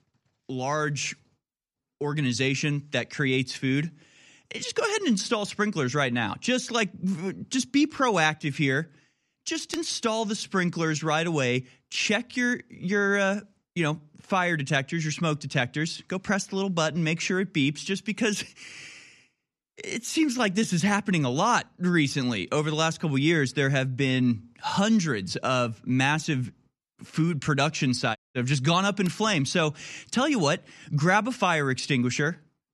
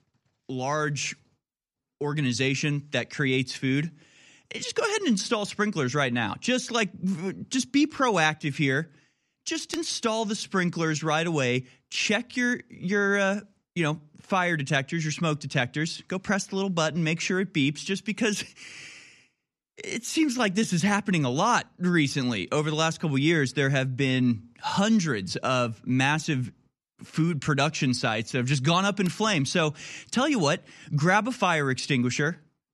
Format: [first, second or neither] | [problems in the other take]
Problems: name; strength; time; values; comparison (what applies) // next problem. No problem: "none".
second | audio cutting out; at 28 s